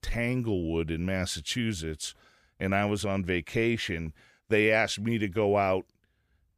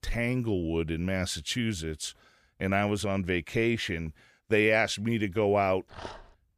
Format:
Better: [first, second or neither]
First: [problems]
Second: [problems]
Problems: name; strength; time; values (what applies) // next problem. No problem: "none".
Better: first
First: none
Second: dog barking; faint; at 6 s; peak 15 dB below the speech